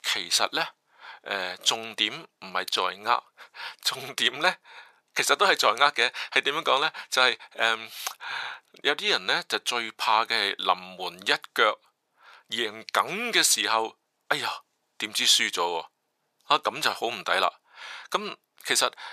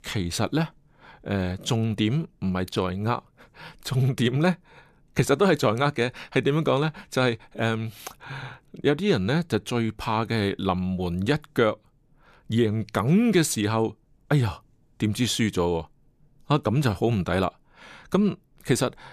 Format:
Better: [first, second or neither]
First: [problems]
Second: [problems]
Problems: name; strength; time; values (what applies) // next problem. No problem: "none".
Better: second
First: thin; very; fading below 950 Hz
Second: none